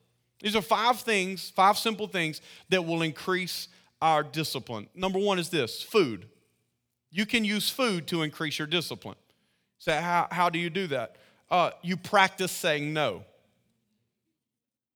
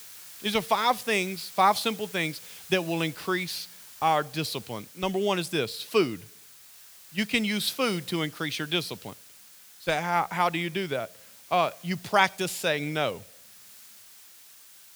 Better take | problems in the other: first | hiss; noticeable; throughout; 20 dB below the speech

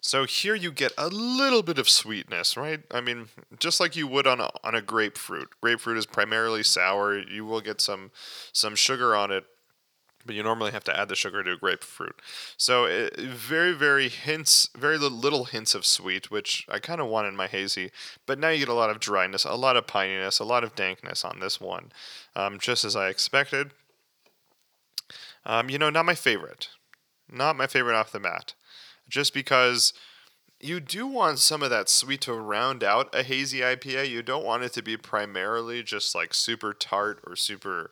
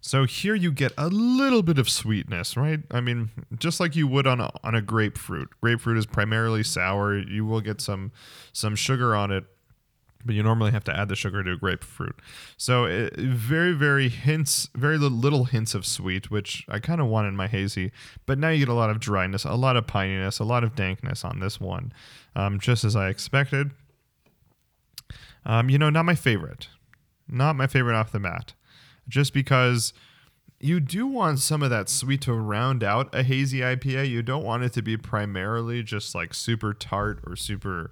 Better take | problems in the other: second | thin; very; fading below 450 Hz

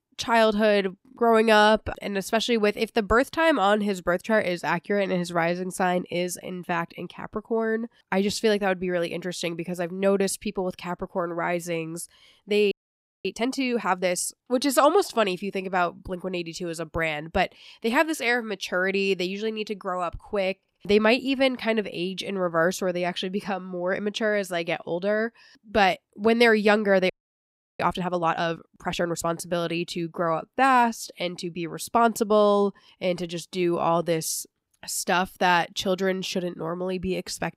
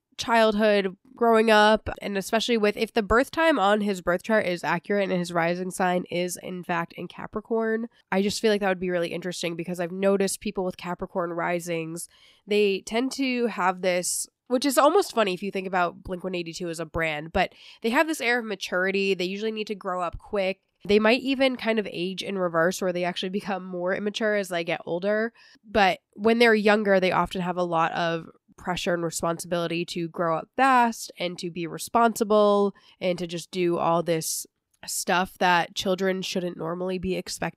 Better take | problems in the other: second | audio freezing; at 13 s for 0.5 s and at 27 s for 0.5 s

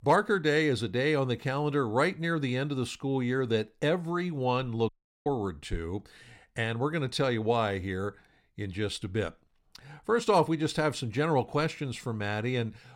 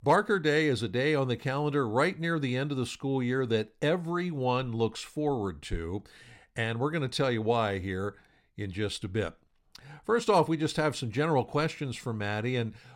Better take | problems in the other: second | audio cutting out; at 5 s

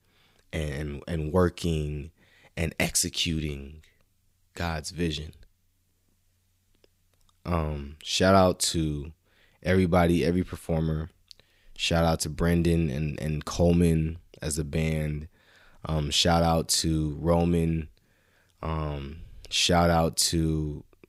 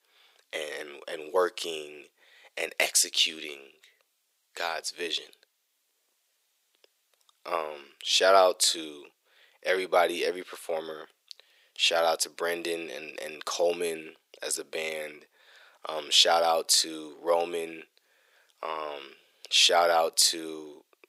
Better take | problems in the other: first | thin; very; fading below 450 Hz

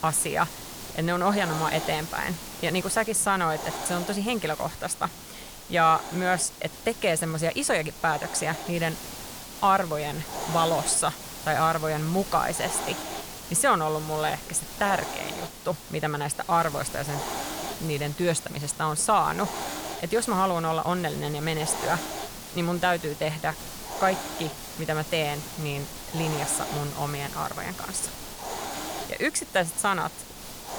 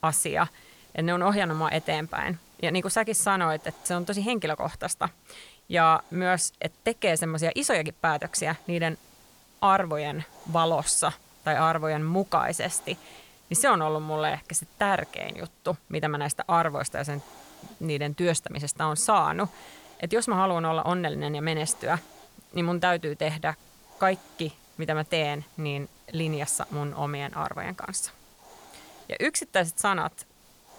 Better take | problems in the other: second | hiss; loud; throughout; 9 dB below the speech; faint in the second

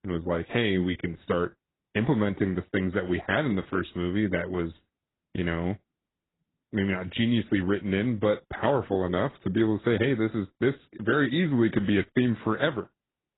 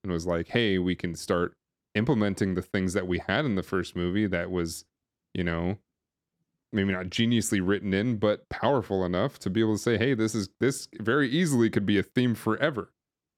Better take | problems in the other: second | garbled, watery; badly; nothing above 4 kHz

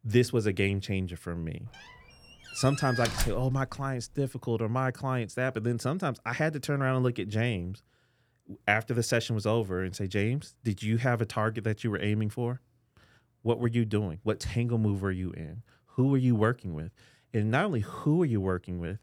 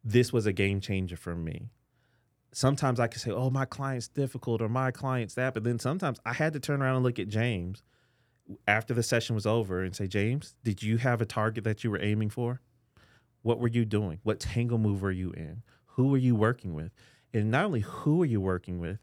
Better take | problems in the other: second | door banging; noticeable; at 2.5 s; peak 2 dB below the speech

